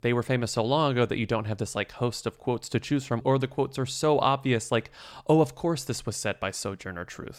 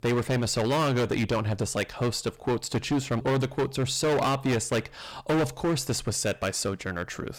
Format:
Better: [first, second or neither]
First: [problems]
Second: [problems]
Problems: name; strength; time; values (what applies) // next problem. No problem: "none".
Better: first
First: none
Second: distortion; heavy; 15% of the sound clipped